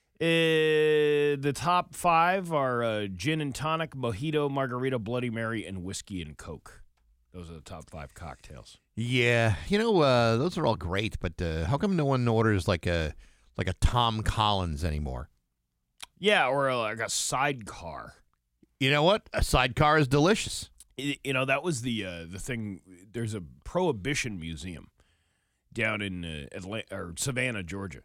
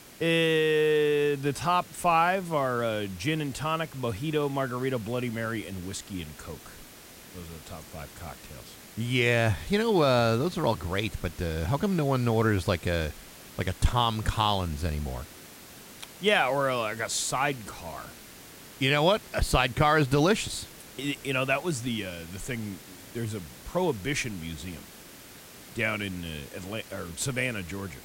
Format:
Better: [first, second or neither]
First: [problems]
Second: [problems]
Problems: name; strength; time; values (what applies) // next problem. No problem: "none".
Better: first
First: none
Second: hiss; noticeable; throughout; 20 dB below the speech